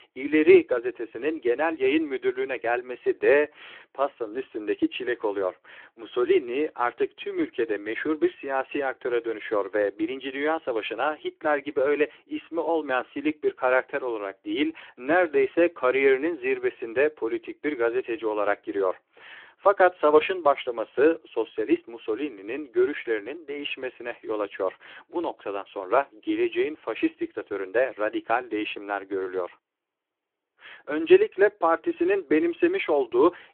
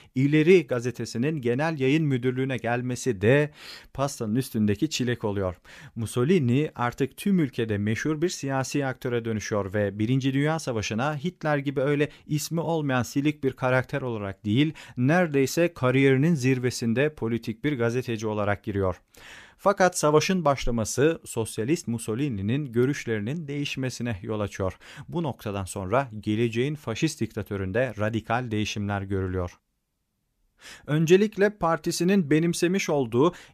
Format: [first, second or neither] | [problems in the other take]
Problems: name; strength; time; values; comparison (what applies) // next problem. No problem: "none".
second | phone-call audio